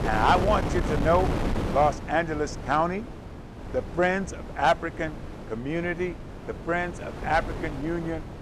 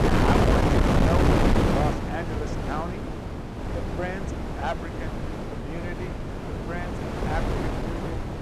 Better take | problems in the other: first | wind noise on the microphone; heavy; 4 dB above the speech; occasional gusts in the first

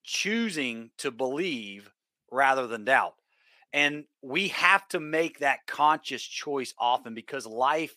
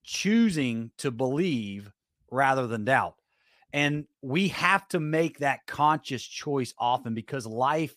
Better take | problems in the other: second | thin; somewhat; fading below 350 Hz

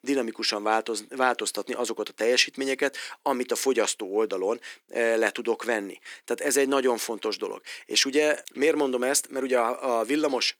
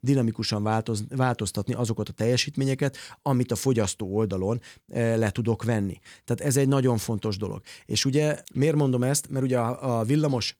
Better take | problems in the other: second | thin; somewhat; fading below 300 Hz

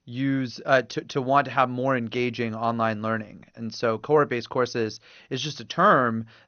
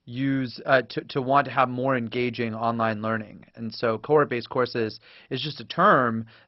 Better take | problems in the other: first | garbled, watery; badly; nothing above 5.5 kHz; slightly in the first

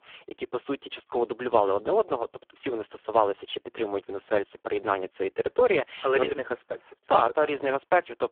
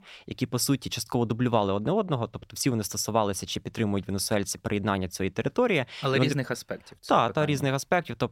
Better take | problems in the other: second | phone-call audio; poor line

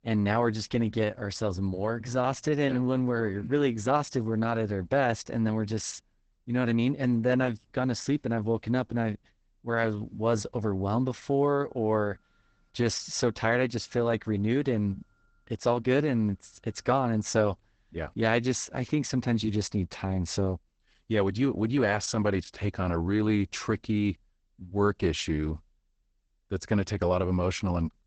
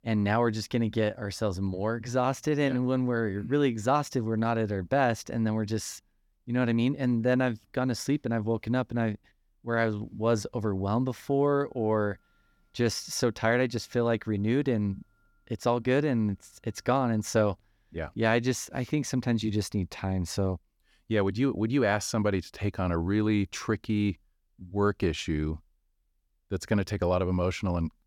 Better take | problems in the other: second | garbled, watery; badly; nothing above 8 kHz

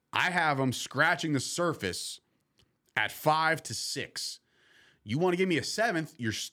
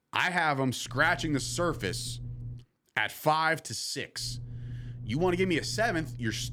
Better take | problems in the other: first | low rumble; faint; from 1 to 2.5 s and from 4 s on; 25 dB below the speech

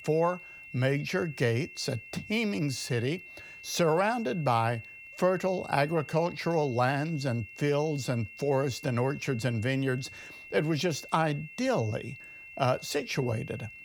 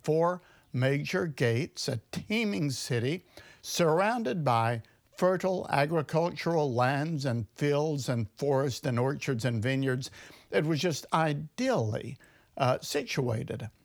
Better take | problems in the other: second | high-pitched whine; noticeable; throughout; 2.5 kHz, 15 dB below the speech

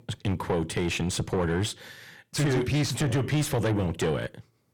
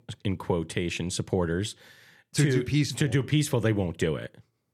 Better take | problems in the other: second | distortion; heavy; 7 dB below the speech

